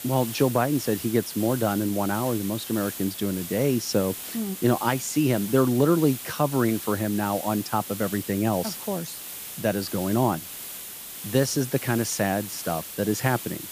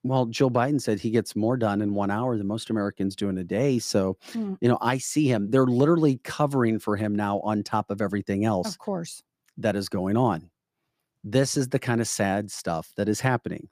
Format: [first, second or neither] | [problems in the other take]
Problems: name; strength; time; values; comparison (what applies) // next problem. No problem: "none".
second | hiss; loud; throughout; 9 dB below the speech